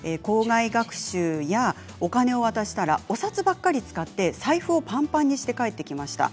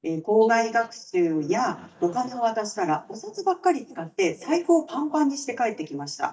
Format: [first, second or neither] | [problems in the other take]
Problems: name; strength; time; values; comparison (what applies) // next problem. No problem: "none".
first | noise reduction (neural mask model DeepFilterNet 3)